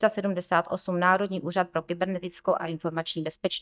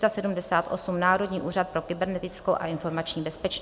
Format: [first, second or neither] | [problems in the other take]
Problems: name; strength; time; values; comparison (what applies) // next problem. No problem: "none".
second | noise reduction (neural mask model DeepFilterNet 3)